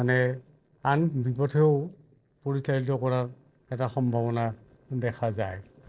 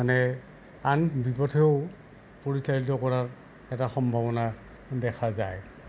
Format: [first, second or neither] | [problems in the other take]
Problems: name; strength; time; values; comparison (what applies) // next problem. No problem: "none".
second | noise reduction (neural separator model SepFormer DNS4)